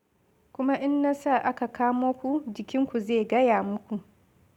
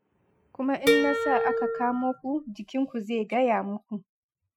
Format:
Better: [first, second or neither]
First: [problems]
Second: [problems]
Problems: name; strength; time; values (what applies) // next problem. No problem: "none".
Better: first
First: none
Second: noise reduction (classical method Wiener filter)